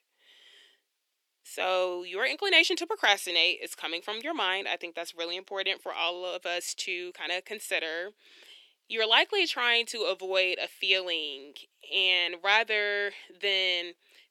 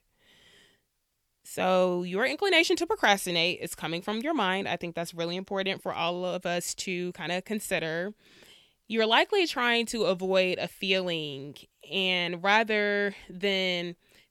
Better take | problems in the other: second | thin; very; fading below 300 Hz

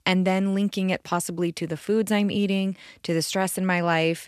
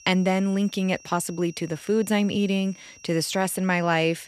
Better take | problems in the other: first | high-pitched whine; faint; throughout; 5.5 kHz, 25 dB below the speech

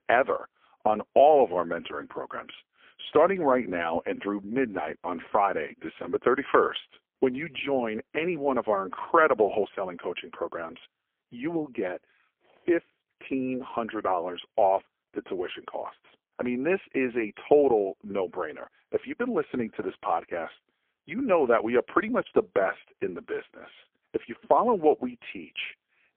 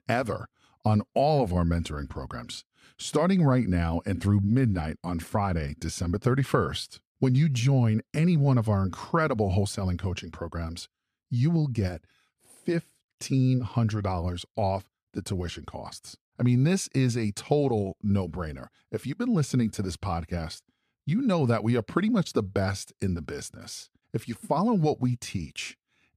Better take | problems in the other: second | phone-call audio; poor line; nothing above 3.5 kHz

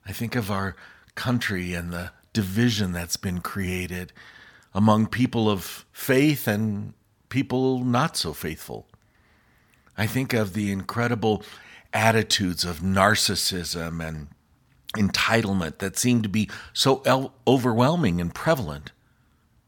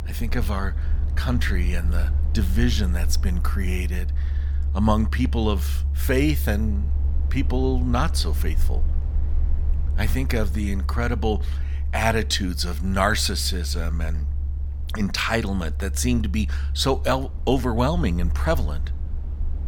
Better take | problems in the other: first | low rumble; noticeable; throughout; 20 dB below the speech

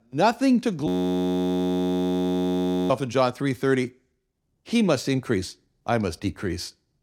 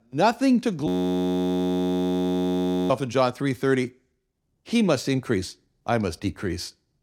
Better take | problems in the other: neither | audio freezing; at 1 s for 2 s; the same in both

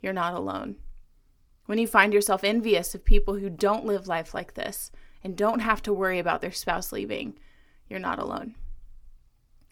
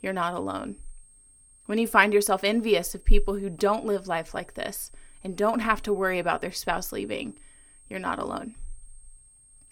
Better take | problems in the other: first | high-pitched whine; faint; throughout; 8.5 kHz, 25 dB below the speech

